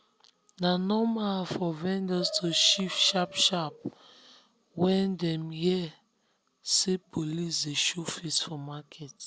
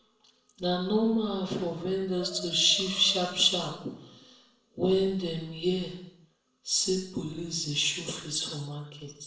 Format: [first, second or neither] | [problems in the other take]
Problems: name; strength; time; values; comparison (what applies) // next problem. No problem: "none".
first | room echo; dies away in 0.7 s